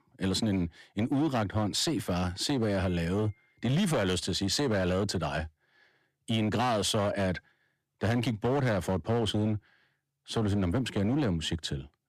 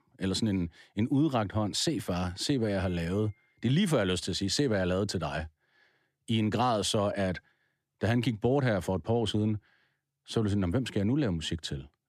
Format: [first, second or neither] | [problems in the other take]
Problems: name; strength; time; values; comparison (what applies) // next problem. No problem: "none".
second | distortion; slight; 11% of the sound clipped